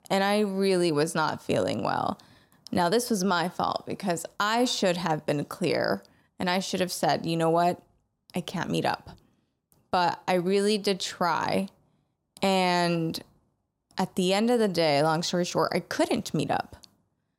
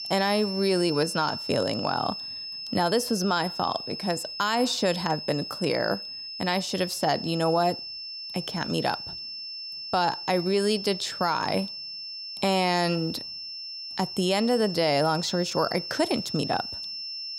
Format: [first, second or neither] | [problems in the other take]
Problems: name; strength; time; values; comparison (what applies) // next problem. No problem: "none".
first | high-pitched whine; loud; throughout; 5.5 kHz, 7 dB below the speech